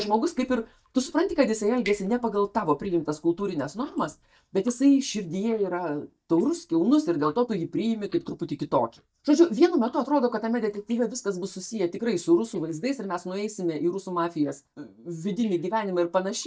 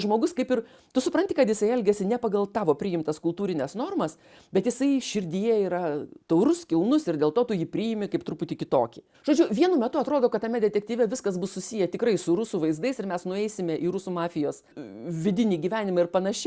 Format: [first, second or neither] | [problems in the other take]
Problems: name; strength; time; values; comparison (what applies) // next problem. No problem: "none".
second | noise reduction (neural mask model DeepFilterNet 3)